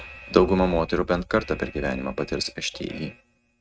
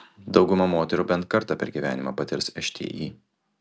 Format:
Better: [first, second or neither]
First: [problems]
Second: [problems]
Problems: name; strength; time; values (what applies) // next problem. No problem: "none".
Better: second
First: noise reduction (neural mask model RNNoise)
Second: none